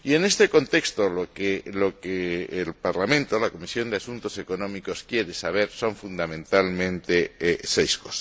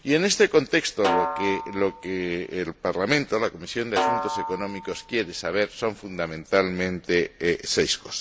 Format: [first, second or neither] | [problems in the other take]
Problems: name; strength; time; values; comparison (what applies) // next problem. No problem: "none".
first | background sound (Snare drum); 6 dB below the speech